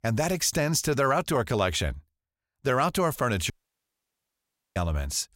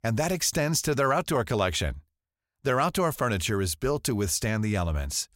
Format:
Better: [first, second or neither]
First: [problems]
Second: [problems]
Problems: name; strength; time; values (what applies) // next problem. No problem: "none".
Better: second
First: audio cutting out; at 3.5 s for 1.5 s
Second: none